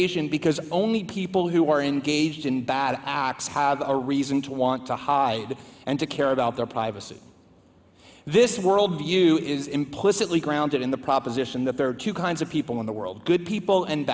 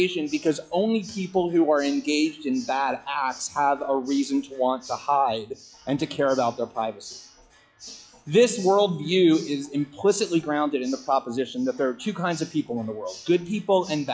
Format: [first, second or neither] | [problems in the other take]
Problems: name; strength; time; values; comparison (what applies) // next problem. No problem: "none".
first | noise reduction (classical method log-MMSE)